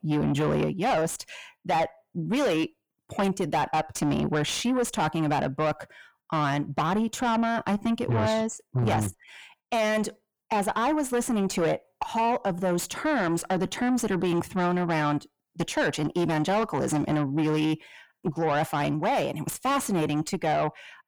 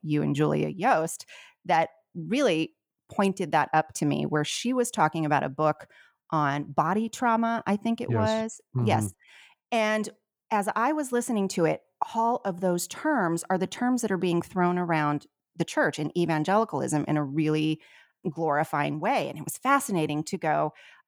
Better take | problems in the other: second | distortion; heavy; 7 dB below the speech

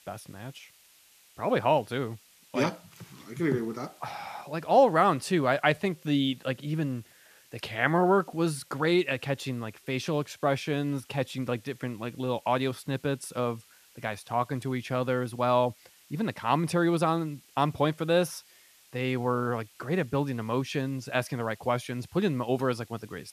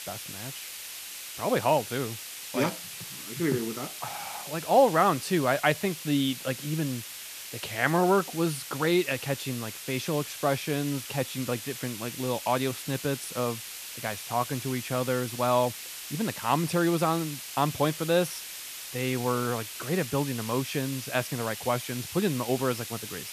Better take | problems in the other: first | hiss; loud; throughout; 9 dB below the speech; faint in the first

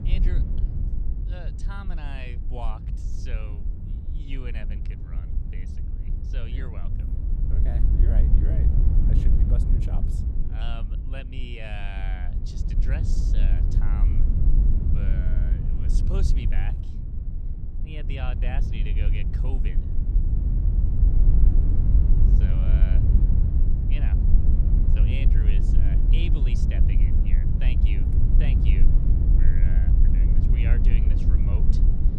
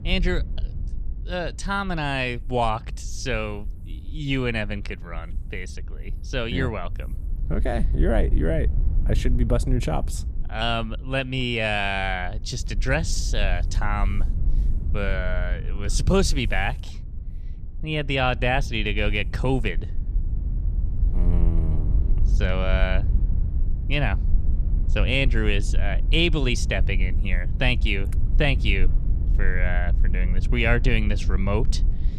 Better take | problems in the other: second | wind noise on the microphone; heavy; 1 dB above the speech; occasional gusts in the second

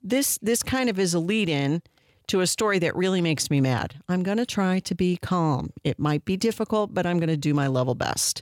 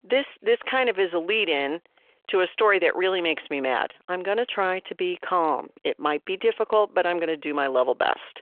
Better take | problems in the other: first | phone-call audio

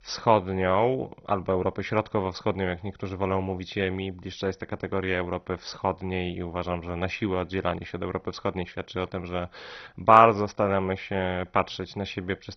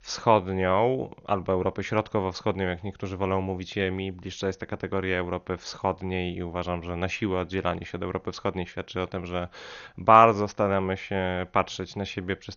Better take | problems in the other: second | garbled, watery; badly; nothing above 6 kHz; slightly in the second

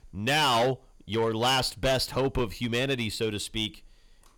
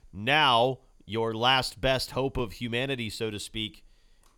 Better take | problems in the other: second | distortion; heavy; 8% of the sound clipped

